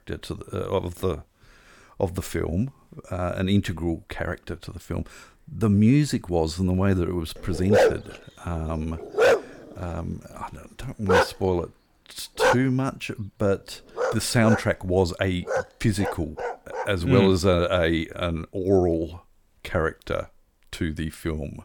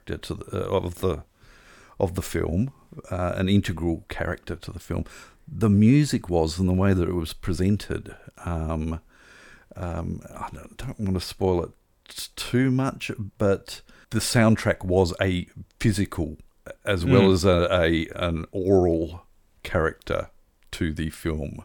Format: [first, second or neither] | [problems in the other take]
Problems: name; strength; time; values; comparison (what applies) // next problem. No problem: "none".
second | dog barking; loud; from 7.5 to 17 s; peak 5 dB above the speech